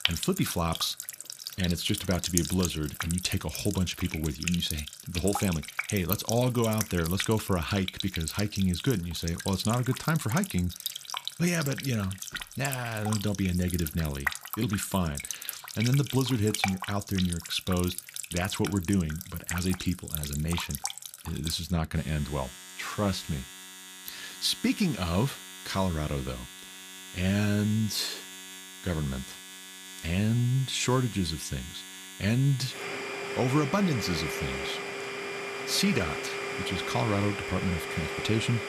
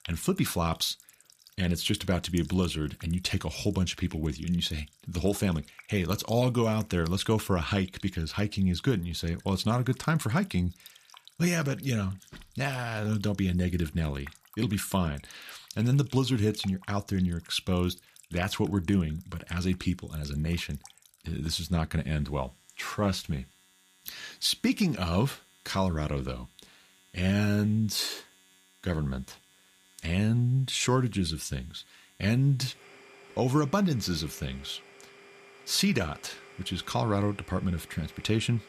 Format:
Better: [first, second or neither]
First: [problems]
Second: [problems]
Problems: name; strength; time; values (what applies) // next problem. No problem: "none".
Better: second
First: household noises; loud; throughout; 7 dB below the speech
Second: household noises; faint; throughout; 25 dB below the speech